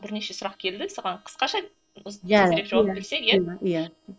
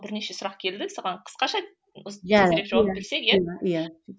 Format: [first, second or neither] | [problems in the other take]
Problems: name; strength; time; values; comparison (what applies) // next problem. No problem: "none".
second | noise reduction (neural separator model SepFormer DNS4)